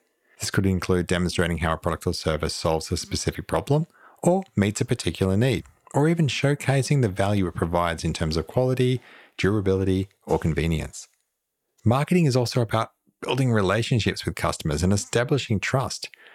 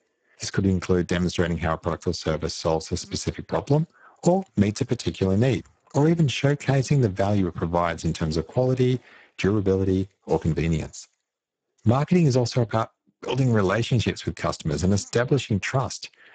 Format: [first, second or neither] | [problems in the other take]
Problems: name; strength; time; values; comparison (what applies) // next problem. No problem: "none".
first | garbled, watery; badly; nothing above 7.5 kHz